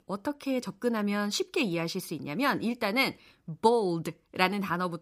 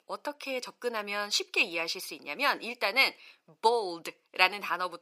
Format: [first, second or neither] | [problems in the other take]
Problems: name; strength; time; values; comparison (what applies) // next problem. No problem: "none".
first | thin; very; fading below 600 Hz